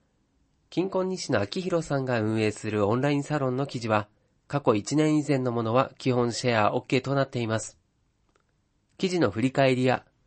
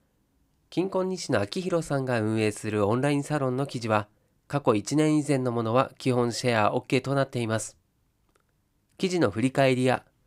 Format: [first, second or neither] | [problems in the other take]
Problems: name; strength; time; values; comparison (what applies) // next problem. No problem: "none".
second | garbled, watery; slightly; nothing above 8 kHz